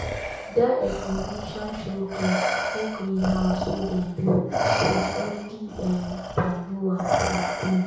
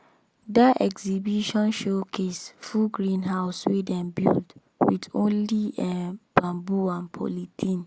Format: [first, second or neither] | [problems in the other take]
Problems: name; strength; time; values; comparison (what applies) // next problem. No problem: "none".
second | background sound (Respiratory sounds); 3 dB below the speech // room echo; dies away in 0.6 s